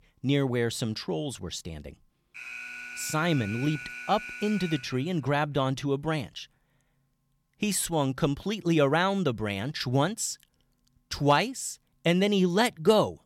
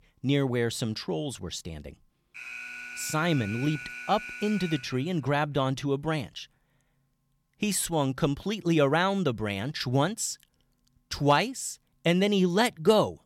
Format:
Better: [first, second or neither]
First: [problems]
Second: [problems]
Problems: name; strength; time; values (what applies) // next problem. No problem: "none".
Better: neither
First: alarm; noticeable; from 2.5 to 5 s; peak 10 dB below the speech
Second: alarm; noticeable; from 2.5 to 5 s; peak 10 dB below the speech